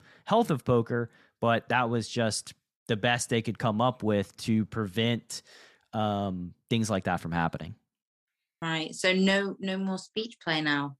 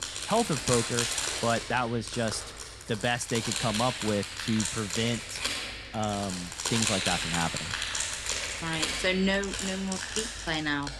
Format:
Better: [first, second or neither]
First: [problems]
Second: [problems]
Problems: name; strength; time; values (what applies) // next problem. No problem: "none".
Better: first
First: none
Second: household noises; loud; throughout; 1 dB below the speech